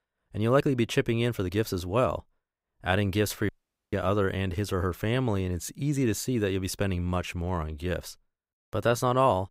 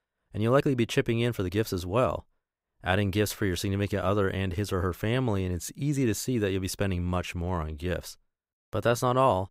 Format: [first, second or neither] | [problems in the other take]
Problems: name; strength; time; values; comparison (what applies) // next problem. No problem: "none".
second | audio cutting out; at 3.5 s